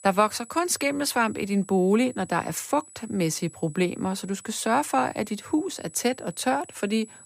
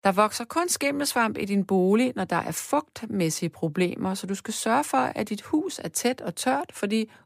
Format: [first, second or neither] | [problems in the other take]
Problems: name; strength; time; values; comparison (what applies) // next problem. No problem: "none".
second | high-pitched whine; faint; throughout; 8 kHz, 20 dB below the speech